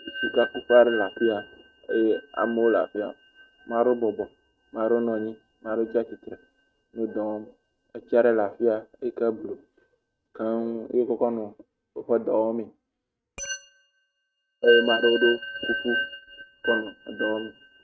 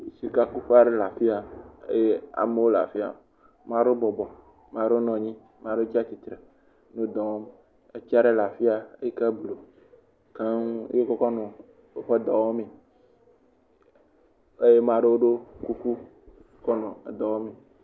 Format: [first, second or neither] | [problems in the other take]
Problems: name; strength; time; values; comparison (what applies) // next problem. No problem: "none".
second | noise reduction (neural mask model RNNoise)